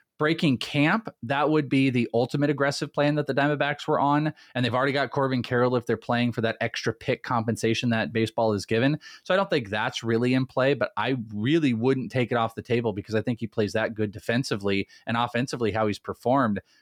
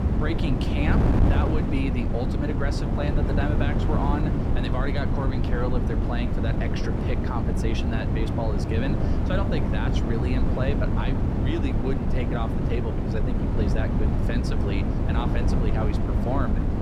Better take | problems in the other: first | wind noise on the microphone; heavy; as loud as the speech

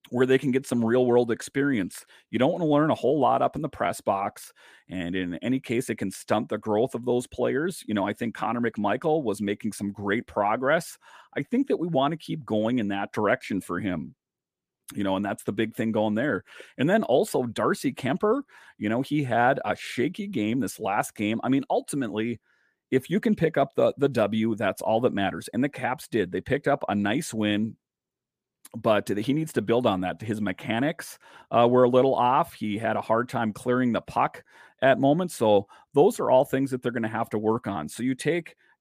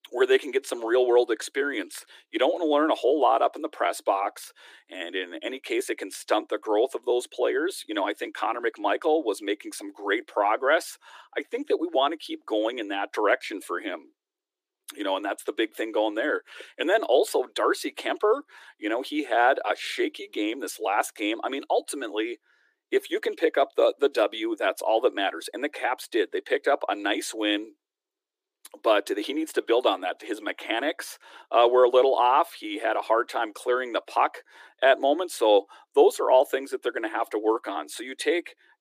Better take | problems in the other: first | thin; very; fading below 300 Hz

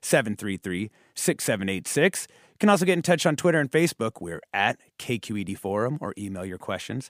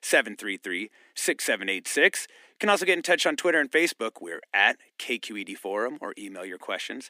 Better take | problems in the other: first | thin; somewhat; fading below 250 Hz

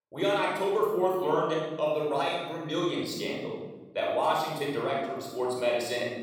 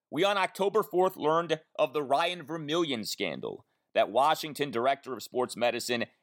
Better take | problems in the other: second | off-mic speech; far // room echo; strong; dies away in 1.1 s

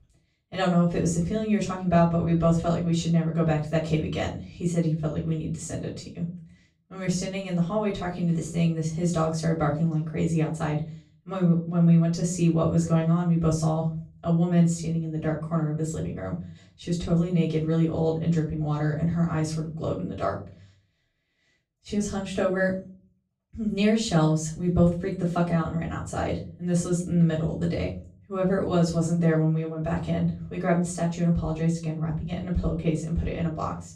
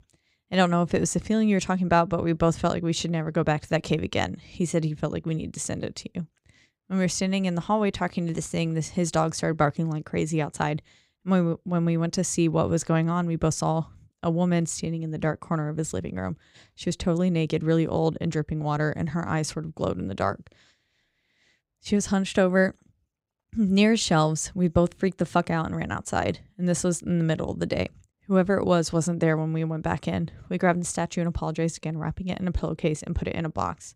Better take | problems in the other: second | off-mic speech; far // room echo; slight; dies away in 0.4 s

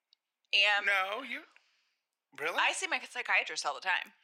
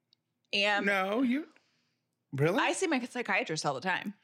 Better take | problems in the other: second | thin; very; fading below 900 Hz

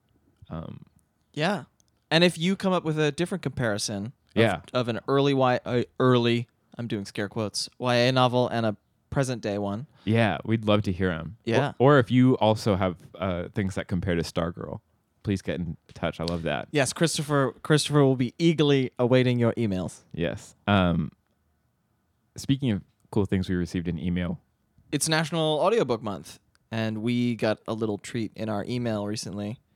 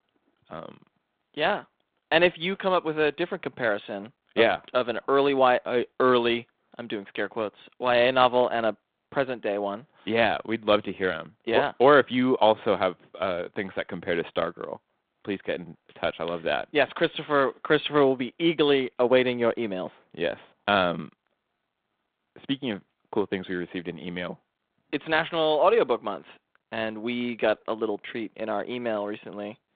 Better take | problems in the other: first | phone-call audio; nothing above 3.5 kHz

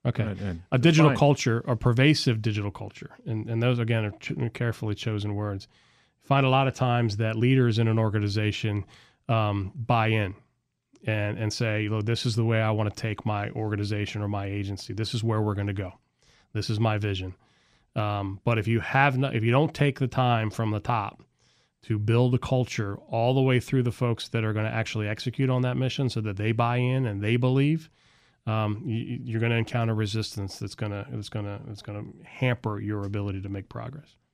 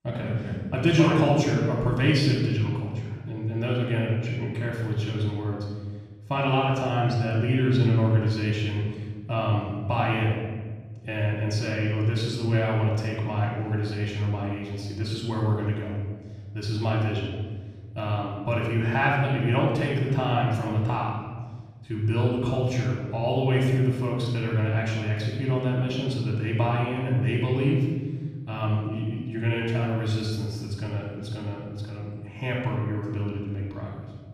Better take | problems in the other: first | off-mic speech; far // room echo; noticeable; dies away in 1.5 s

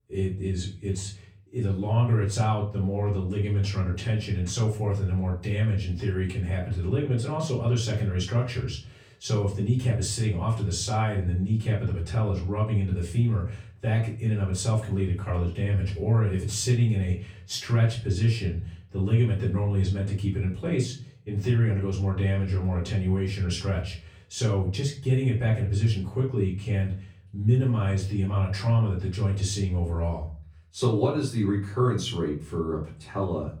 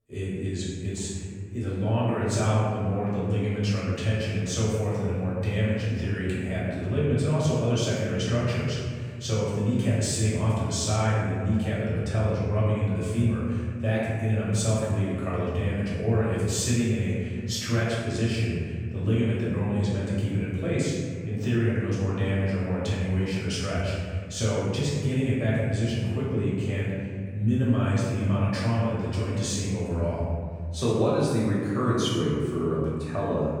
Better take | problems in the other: first | room echo; strong; dies away in 2 s; slight in the first // off-mic speech; far; far in the first

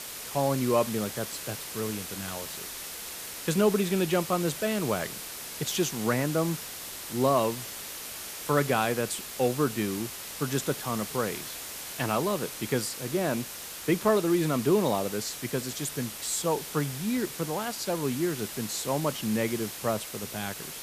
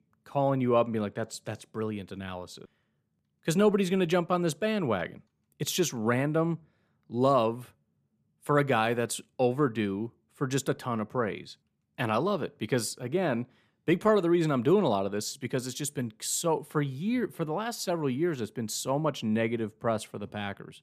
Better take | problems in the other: second | hiss; loud; throughout; 7 dB below the speech

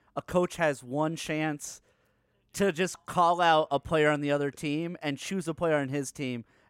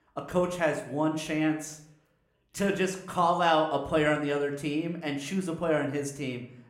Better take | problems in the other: first | room echo; slight; dies away in 0.5 s

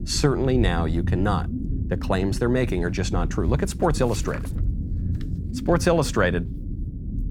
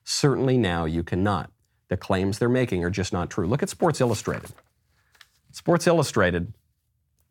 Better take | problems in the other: second | low rumble; noticeable; throughout; 15 dB below the speech

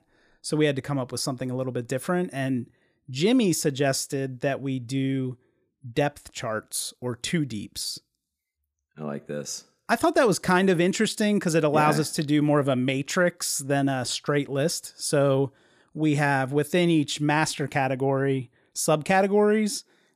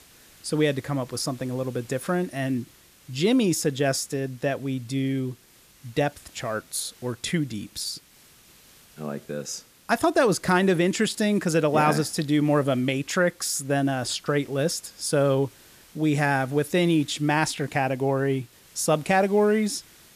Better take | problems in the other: first | hiss; faint; throughout; 25 dB below the speech

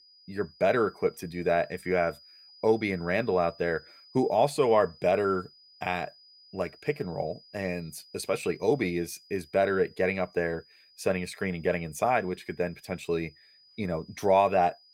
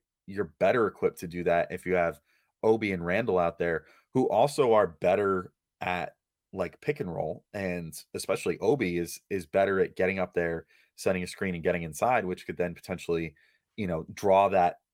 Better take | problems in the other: second | high-pitched whine; faint; throughout; 5 kHz, 25 dB below the speech

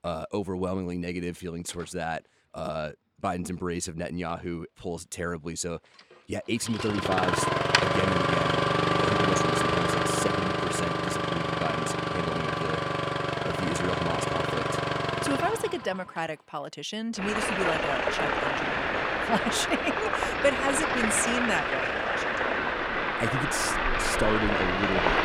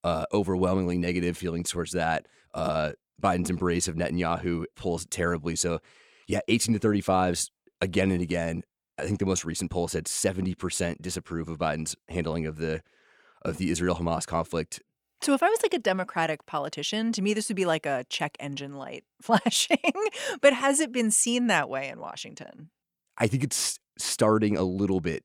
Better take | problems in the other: second | traffic noise; very loud; throughout; 5 dB above the speech

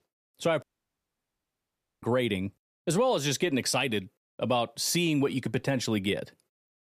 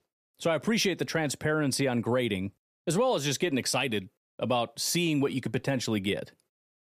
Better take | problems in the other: second | audio cutting out; at 0.5 s for 1.5 s

